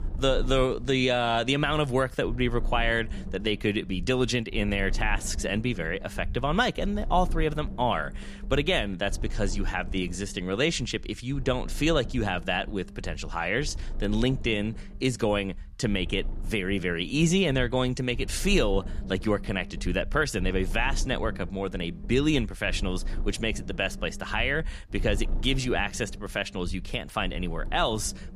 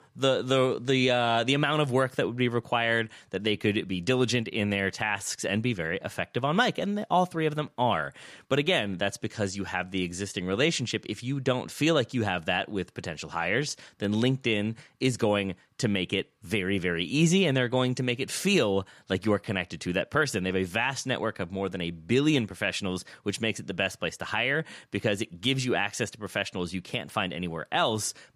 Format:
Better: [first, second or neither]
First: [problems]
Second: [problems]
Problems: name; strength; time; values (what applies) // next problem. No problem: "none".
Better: second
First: low rumble; faint; throughout; 20 dB below the speech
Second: none